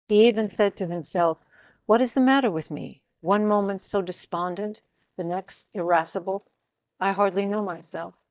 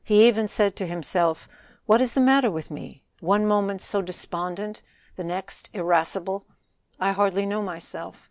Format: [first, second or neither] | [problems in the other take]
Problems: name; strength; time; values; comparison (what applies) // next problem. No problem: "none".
second | noise reduction (neural mask model DeepFilterNet 3)